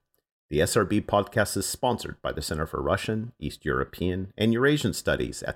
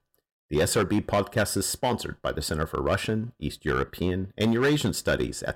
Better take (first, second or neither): first